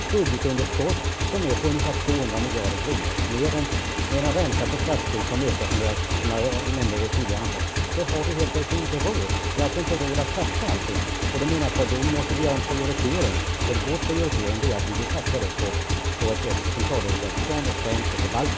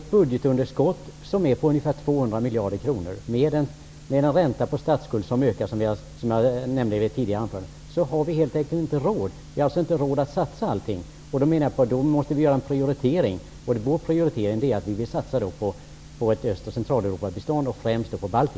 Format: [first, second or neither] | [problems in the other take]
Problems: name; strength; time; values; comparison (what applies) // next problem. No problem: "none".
second | background sound (Motorcycle / Engine); 3 dB above the speech